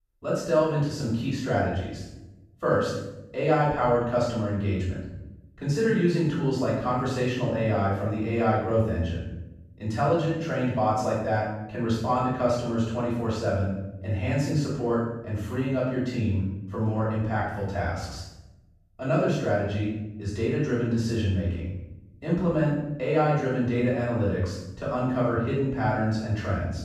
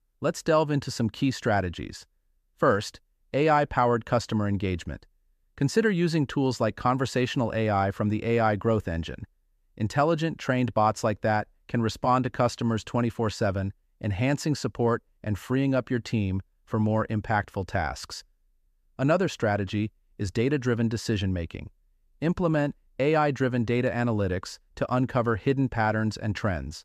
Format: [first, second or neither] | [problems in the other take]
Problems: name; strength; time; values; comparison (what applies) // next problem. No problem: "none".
second | room echo; strong; dies away in 0.9 s // off-mic speech; far